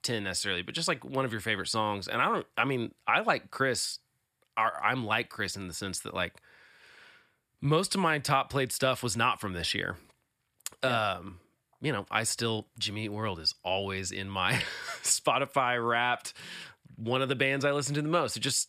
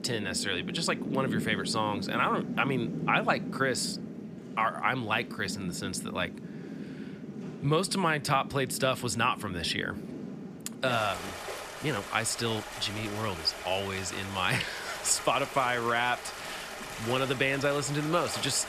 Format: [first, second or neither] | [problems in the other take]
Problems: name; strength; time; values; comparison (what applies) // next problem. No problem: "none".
first | rain or running water; loud; throughout; 9 dB below the speech